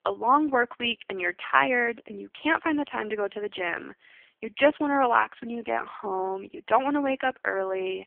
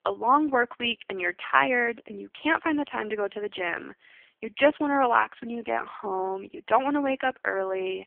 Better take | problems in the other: neither | phone-call audio; poor line; nothing above 3 kHz; the same in both

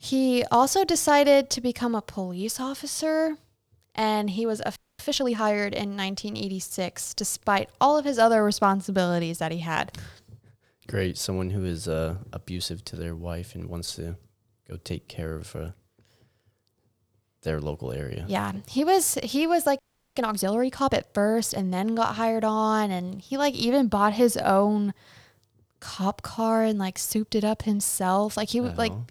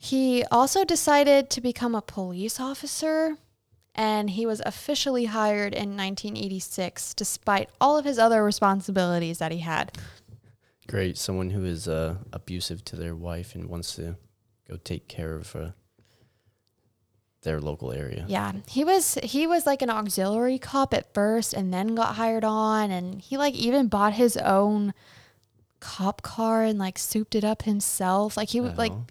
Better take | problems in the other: second | audio freezing; at 5 s and at 20 s

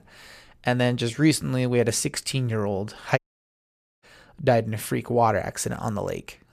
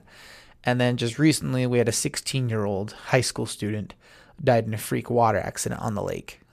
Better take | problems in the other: second | audio cutting out; at 3 s for 1 s

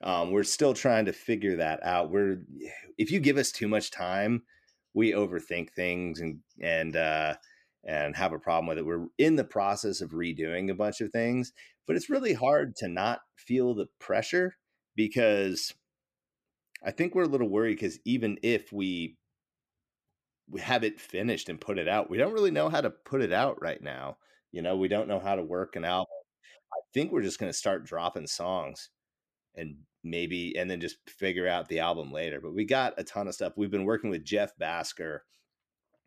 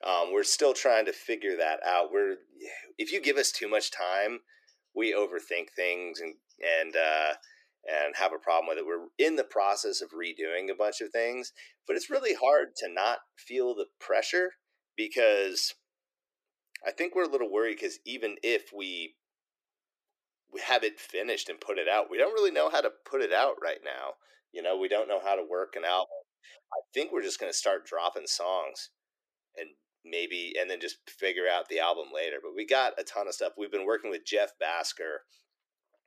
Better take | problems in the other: first | thin; very; fading below 400 Hz

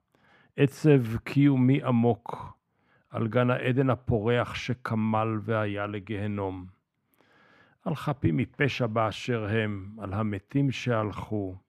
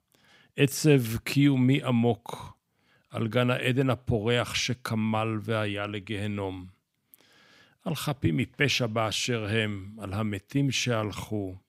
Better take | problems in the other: second | muffled; slightly; fading above 3 kHz

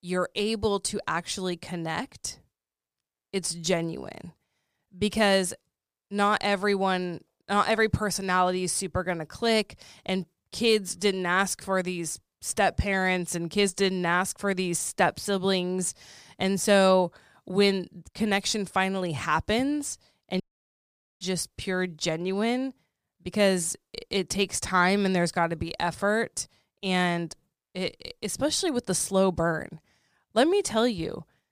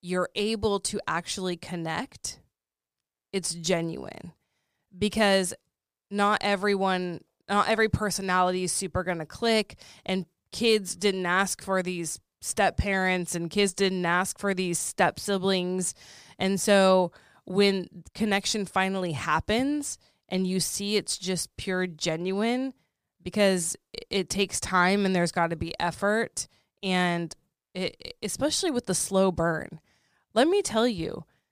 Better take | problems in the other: second | audio cutting out; at 20 s for 1 s

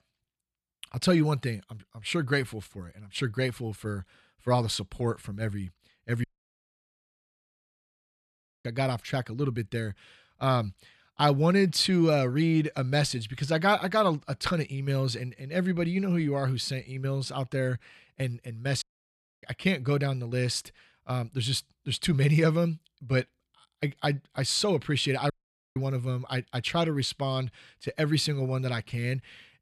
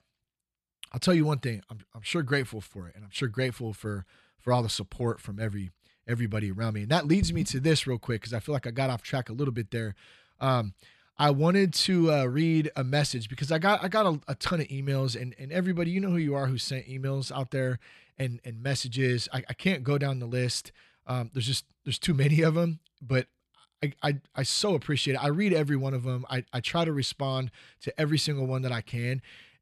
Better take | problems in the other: second | audio cutting out; at 6 s for 2.5 s, at 19 s for 0.5 s and at 25 s

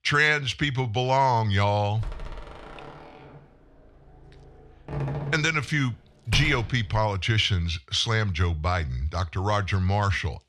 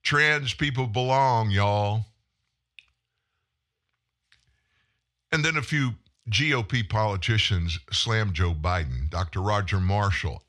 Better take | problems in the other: second | door banging; noticeable; from 2 to 7 s; peak 6 dB below the speech

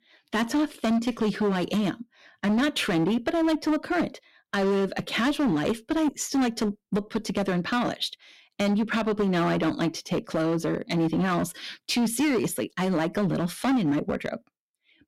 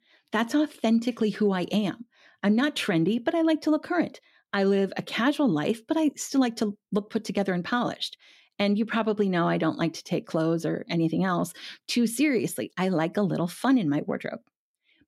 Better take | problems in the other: second | distortion; slight; 14% of the sound clipped

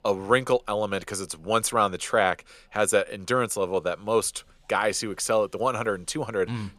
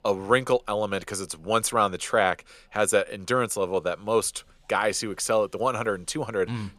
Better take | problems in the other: neither | none

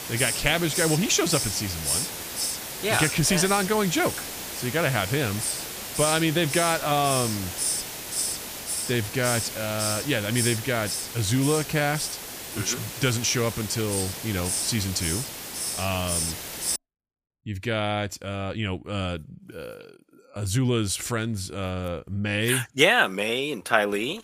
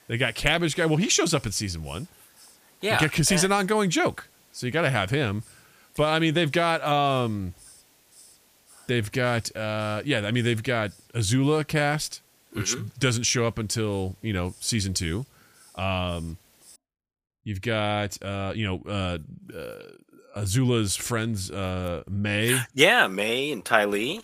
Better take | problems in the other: second | hiss; loud; until 17 s; 3 dB below the speech; faint in the second

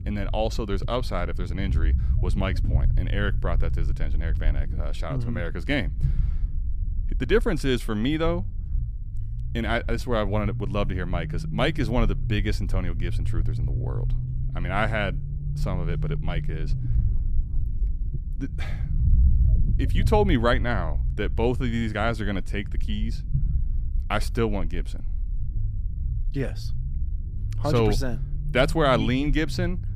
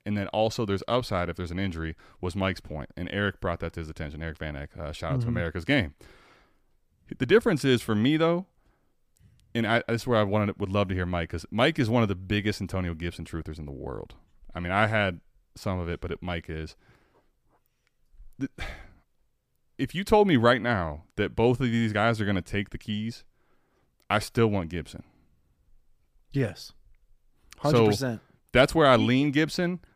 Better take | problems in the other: second | low rumble; noticeable; throughout; 15 dB below the speech

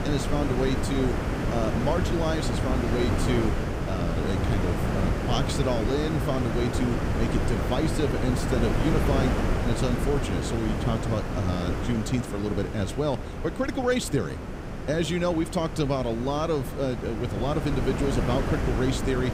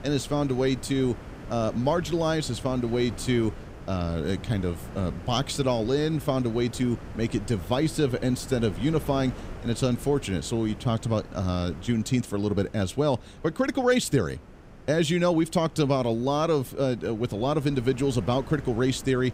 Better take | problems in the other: second | wind noise on the microphone; heavy; 2 dB below the speech; occasional gusts in the second

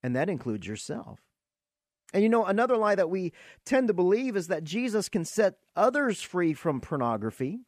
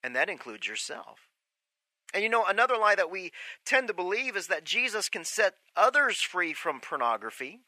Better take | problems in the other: first | thin; very; fading below 750 Hz

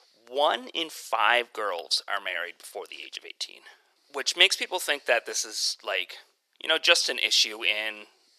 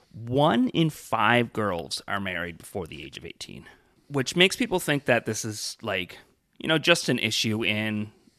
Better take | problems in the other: second | thin; very; fading below 450 Hz

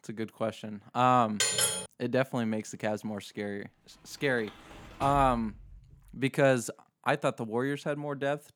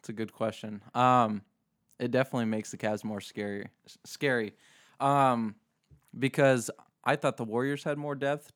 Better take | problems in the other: second | clattering dishes; loud; at 1.5 s; peak 5 dB above the speech // door banging; faint; from 4 to 6 s; peak 10 dB below the speech

